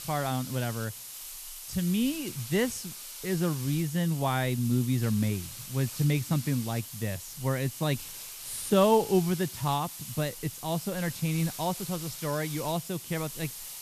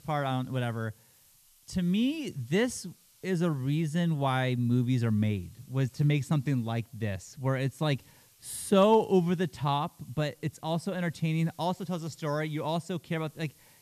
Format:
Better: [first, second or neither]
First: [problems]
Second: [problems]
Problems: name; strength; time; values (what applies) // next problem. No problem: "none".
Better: second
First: hiss; loud; throughout; 9 dB below the speech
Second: hiss; faint; throughout; 30 dB below the speech